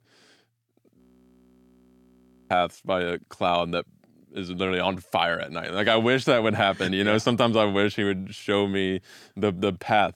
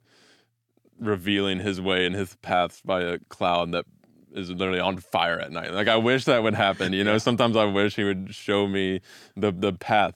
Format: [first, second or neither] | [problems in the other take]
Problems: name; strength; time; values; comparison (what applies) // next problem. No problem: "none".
second | audio freezing; at 1 s for 1.5 s